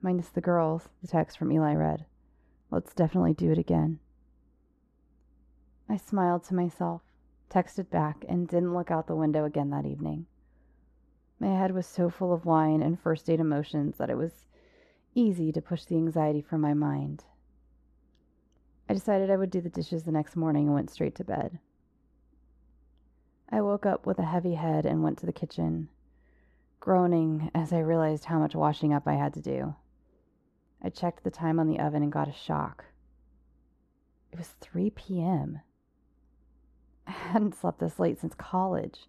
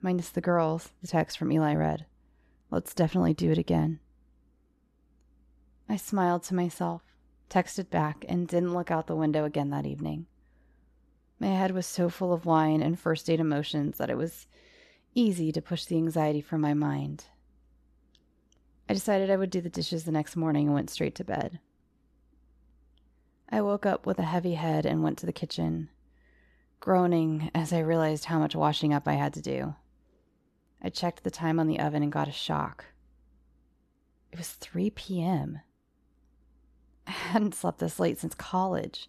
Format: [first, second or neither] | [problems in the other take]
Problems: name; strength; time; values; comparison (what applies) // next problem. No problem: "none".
second | muffled; slightly; fading above 2 kHz